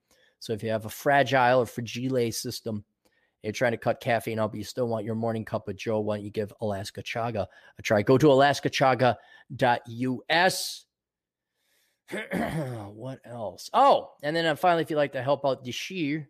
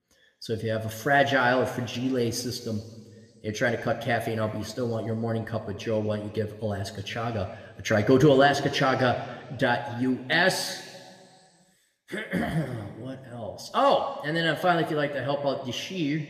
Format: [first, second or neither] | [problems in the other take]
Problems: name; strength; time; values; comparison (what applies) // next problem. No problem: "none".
first | room echo; slight; dies away in 1.7 s